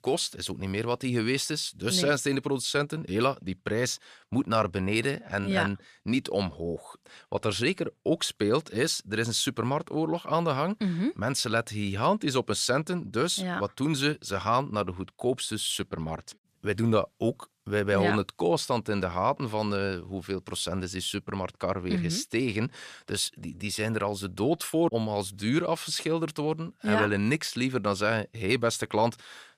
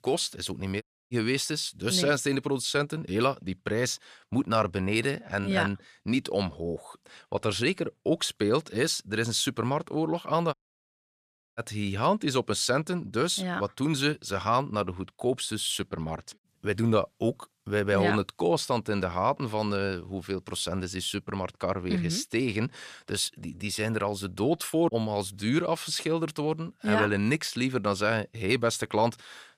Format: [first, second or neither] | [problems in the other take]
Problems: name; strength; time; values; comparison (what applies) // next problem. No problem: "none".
first | audio cutting out; at 1 s and at 11 s for 1 s